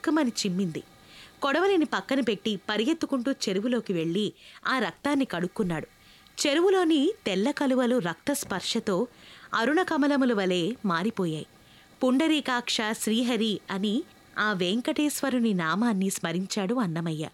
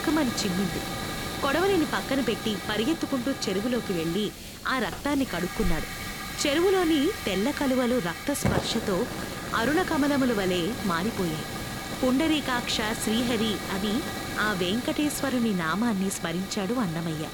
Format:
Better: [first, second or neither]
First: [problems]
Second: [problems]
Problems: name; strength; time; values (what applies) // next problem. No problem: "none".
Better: first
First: hiss; faint; throughout; 30 dB below the speech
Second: hiss; loud; throughout; 6 dB below the speech